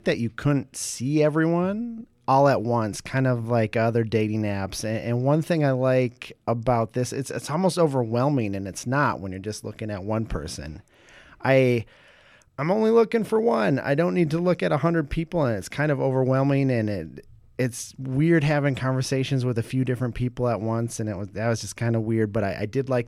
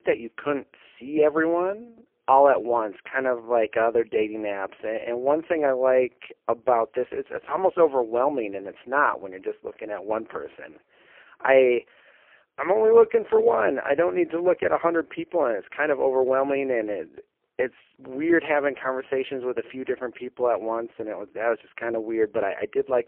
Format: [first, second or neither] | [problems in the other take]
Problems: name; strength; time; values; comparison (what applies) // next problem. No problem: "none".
first | phone-call audio; poor line